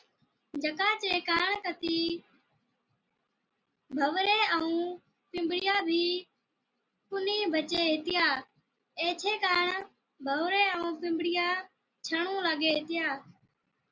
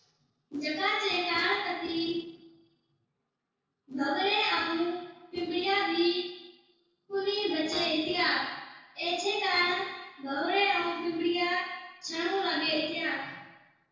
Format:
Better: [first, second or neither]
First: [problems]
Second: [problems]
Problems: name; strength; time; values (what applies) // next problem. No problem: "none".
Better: first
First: none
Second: noise reduction (neural separator model SepFormer DNS4)